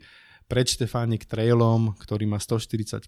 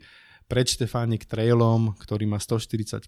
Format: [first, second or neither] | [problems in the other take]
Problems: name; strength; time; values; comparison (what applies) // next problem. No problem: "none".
neither | none